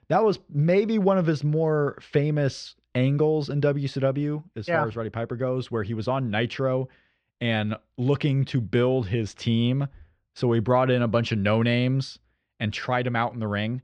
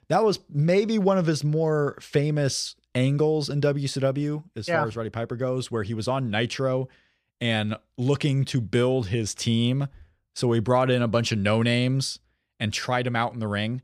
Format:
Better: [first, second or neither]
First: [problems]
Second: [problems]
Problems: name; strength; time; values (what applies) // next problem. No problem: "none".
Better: second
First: muffled; slightly; fading above 3 kHz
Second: none